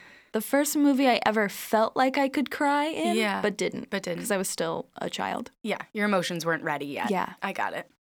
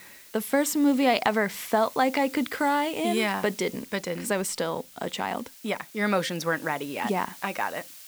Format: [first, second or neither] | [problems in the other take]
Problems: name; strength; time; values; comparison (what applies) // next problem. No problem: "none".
first | hiss; noticeable; throughout; 20 dB below the speech